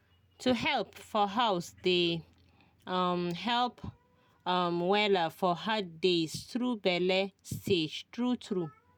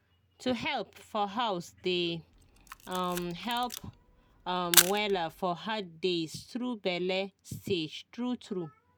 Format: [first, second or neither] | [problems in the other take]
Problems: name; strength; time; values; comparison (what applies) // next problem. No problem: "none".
first | background sound (Camera); 1 dB above the speech